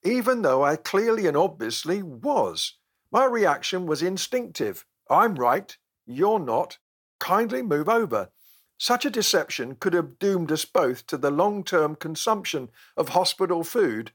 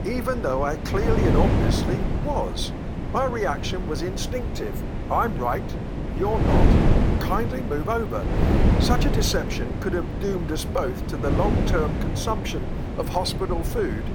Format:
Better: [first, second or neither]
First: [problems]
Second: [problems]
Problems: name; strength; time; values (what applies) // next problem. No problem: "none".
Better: first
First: none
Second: wind noise on the microphone; heavy; 4 dB below the speech